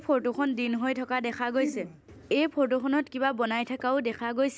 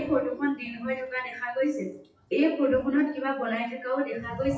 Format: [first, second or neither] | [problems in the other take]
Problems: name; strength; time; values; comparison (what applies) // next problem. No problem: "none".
first | noise reduction (classical method WPE with log-MMSE)